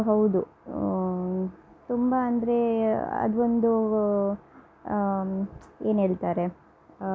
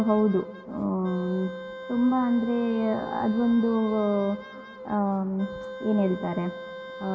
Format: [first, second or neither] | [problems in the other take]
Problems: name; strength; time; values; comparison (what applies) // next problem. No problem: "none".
first | background sound (Wind instrument, woodwind instrument); 14 dB below the speech // room echo; dies away in 2.7 s